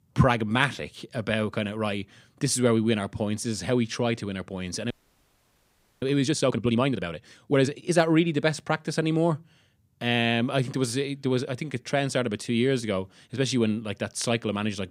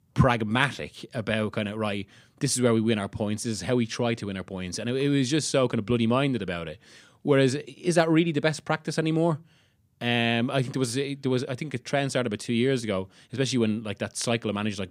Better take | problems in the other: second | audio freezing; at 5 s for 1 s

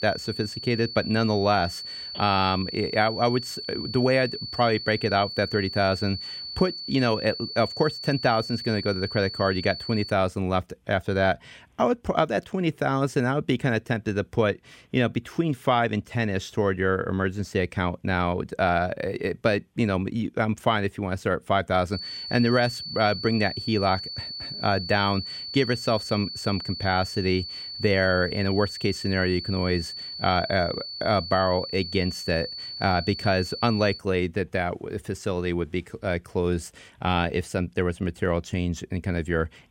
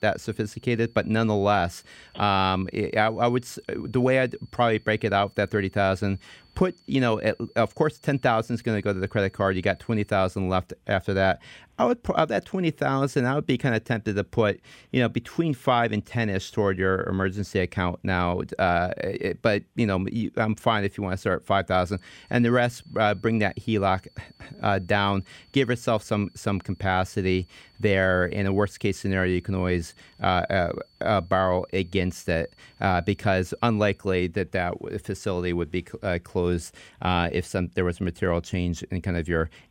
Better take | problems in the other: second | high-pitched whine; loud; until 10 s and from 22 to 34 s; 4.5 kHz, 8 dB below the speech; faint in the second

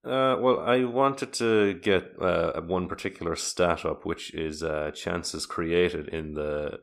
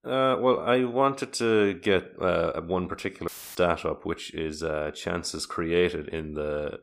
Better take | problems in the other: first | audio cutting out; filled with static; at 3.5 s

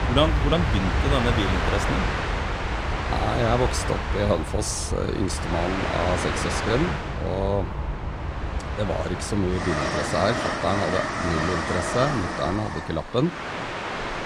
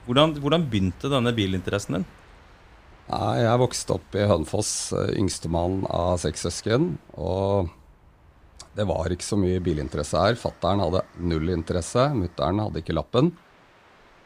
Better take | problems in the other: second | train or aircraft noise; loud; throughout; 1 dB below the speech; faint in the second

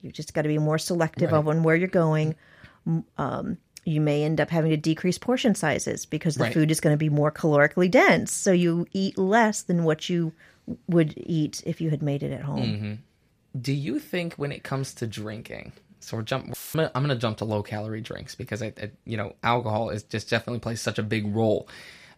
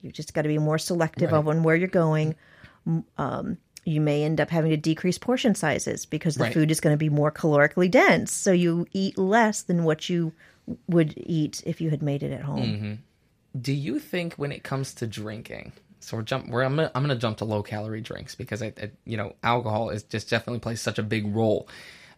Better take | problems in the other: second | audio cutting out; filled with static; at 17 s

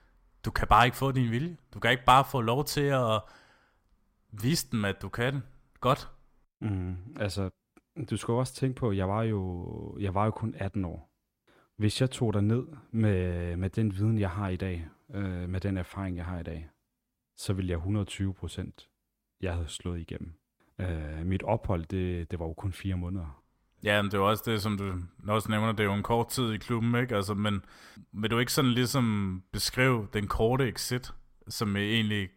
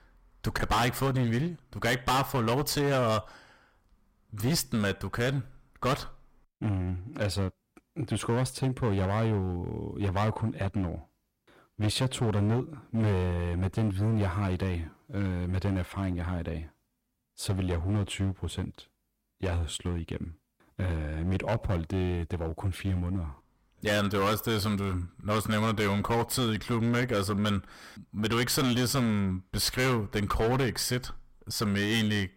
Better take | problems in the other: first | distortion; heavy; 12% of the sound clipped

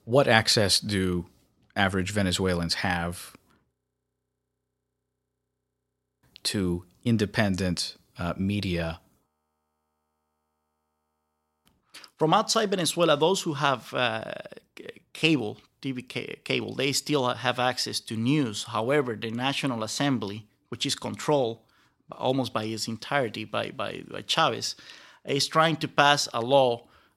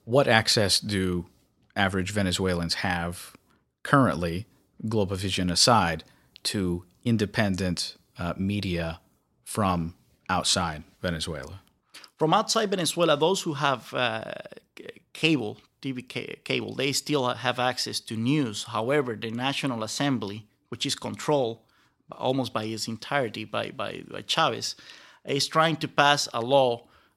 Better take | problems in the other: second | audio freezing; at 3.5 s for 2.5 s and at 9.5 s for 2.5 s

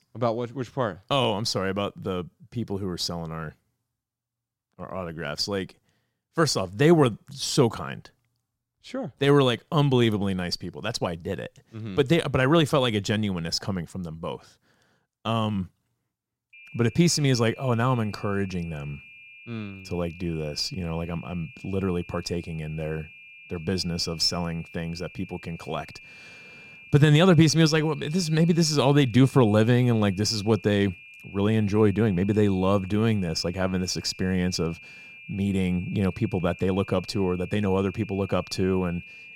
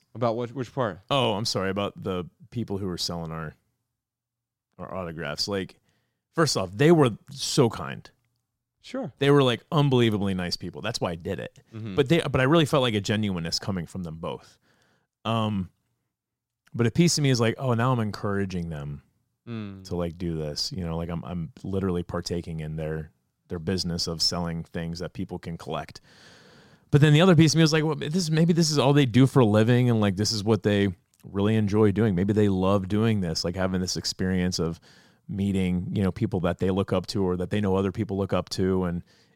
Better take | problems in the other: second | high-pitched whine; noticeable; from 17 s on; 2.5 kHz, 20 dB below the speech

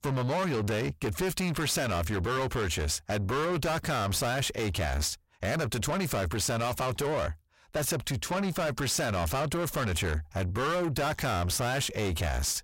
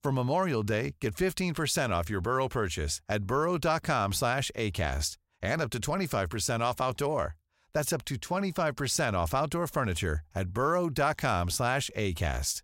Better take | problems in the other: second | distortion; heavy; 7 dB below the speech

